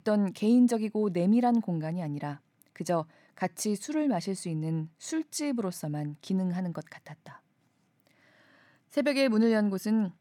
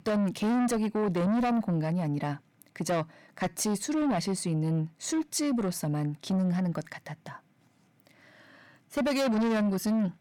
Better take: first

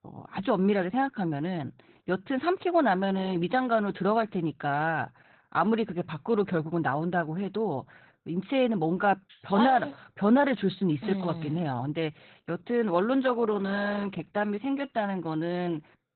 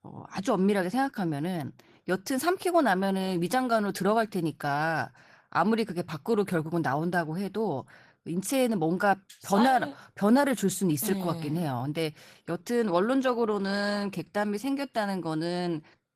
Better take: second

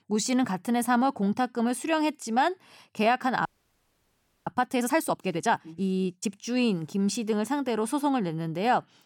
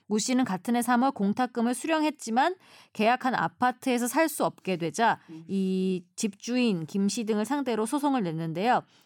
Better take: second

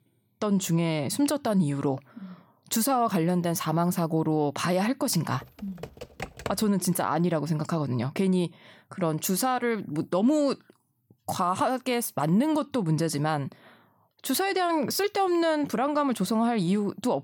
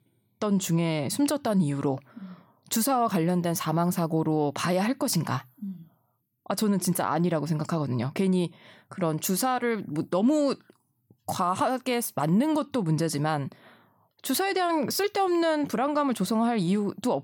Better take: second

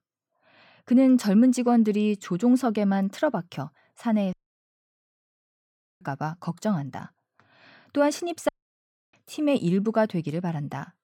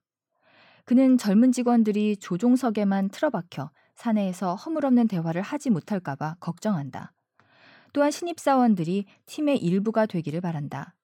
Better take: second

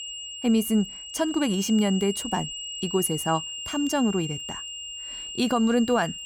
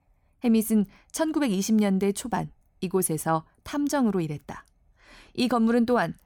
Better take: second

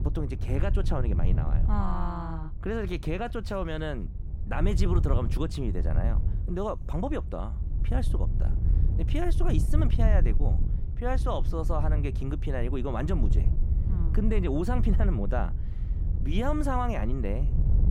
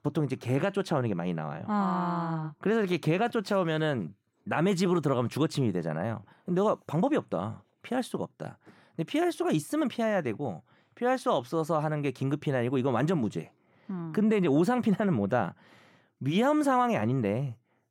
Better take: second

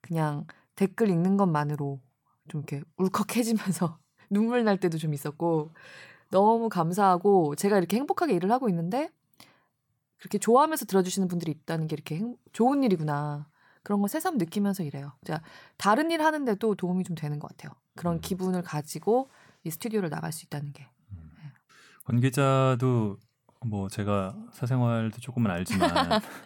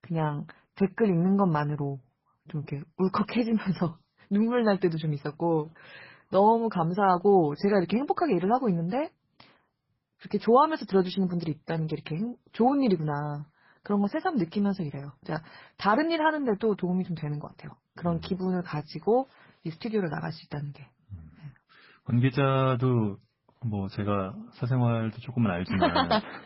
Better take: first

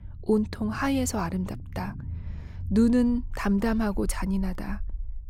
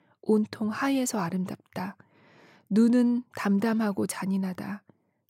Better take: second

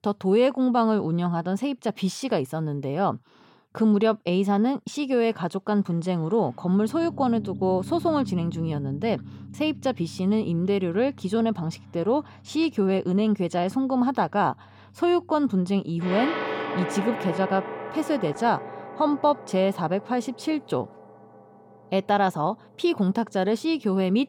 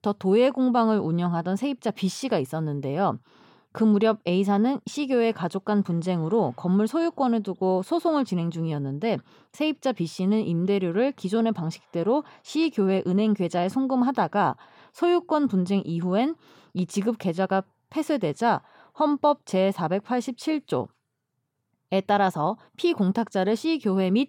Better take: second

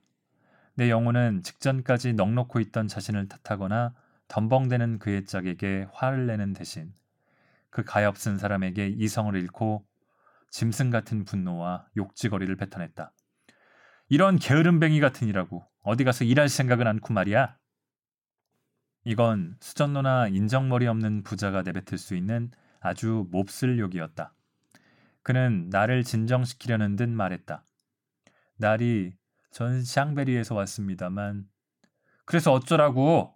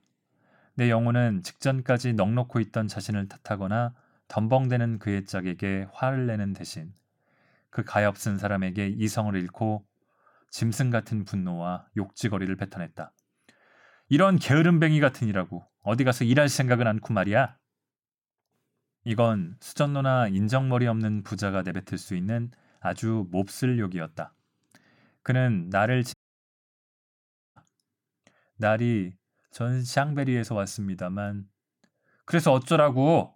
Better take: first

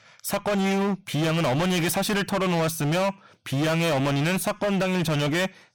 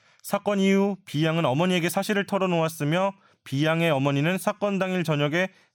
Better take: second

